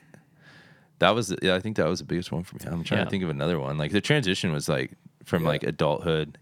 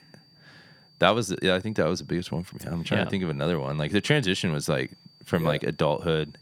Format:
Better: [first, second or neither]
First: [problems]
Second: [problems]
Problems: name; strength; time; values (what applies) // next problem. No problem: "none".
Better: first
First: none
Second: high-pitched whine; faint; throughout; 4.5 kHz, 30 dB below the speech